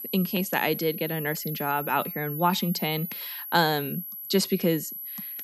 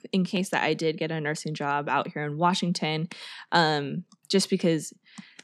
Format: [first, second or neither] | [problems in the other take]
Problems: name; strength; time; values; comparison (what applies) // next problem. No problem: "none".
second | high-pitched whine; loud; throughout; 11.5 kHz, 7 dB below the speech